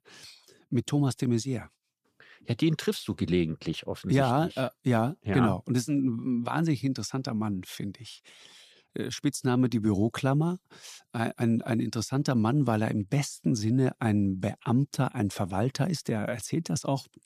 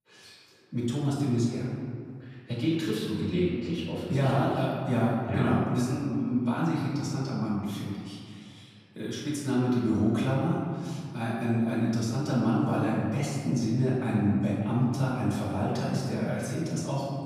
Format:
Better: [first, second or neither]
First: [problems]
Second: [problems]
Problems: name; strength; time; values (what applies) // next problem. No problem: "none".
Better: first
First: none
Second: off-mic speech; far // room echo; strong; dies away in 2 s